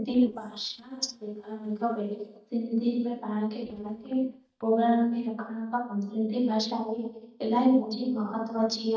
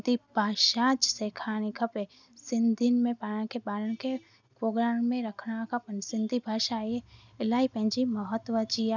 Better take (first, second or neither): second